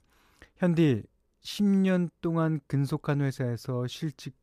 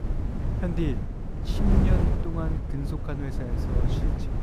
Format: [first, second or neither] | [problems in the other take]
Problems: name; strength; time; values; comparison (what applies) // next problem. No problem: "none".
first | wind noise on the microphone; heavy; as loud as the speech